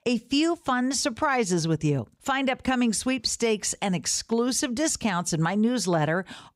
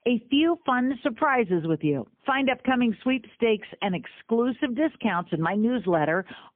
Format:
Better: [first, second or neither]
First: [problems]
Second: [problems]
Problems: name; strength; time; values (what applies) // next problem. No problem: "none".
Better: first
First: none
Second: phone-call audio; poor line; nothing above 3 kHz